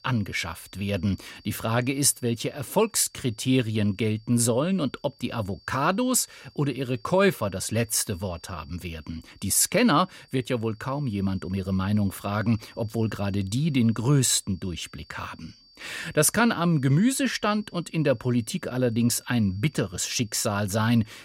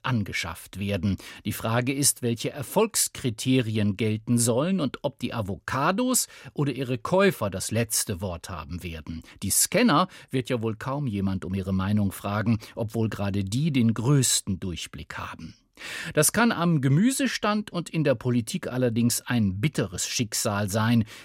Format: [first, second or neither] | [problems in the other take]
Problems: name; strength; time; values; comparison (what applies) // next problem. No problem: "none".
second | high-pitched whine; faint; throughout; 4.5 kHz, 30 dB below the speech